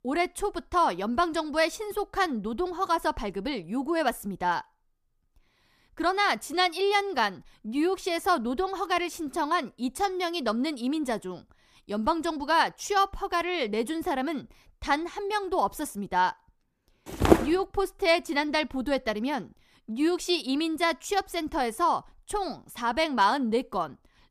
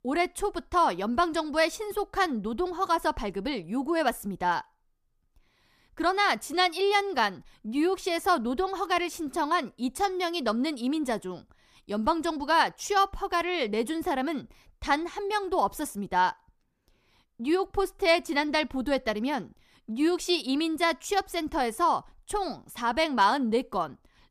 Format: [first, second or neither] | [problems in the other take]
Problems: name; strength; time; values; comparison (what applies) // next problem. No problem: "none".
second | footsteps; loud; at 17 s; peak 5 dB above the speech